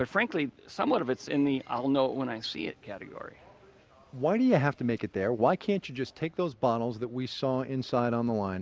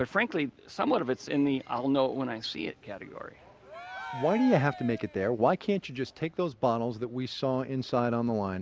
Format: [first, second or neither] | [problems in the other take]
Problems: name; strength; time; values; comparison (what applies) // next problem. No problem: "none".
first | background sound (Cheering); 12 dB below the speech